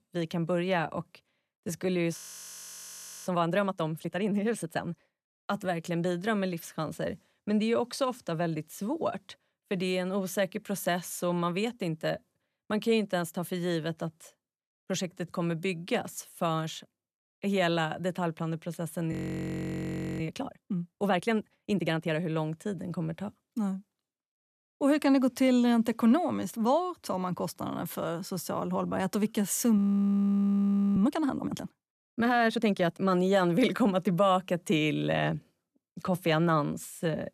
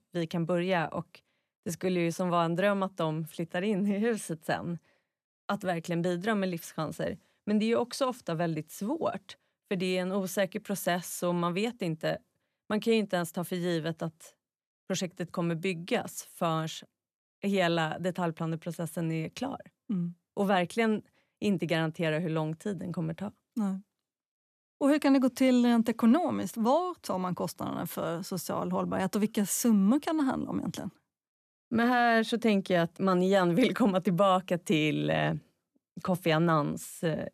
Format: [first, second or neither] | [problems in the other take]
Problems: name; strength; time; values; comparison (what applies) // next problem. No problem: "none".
second | audio freezing; at 2 s for 1 s, at 19 s for 1 s and at 30 s for 1 s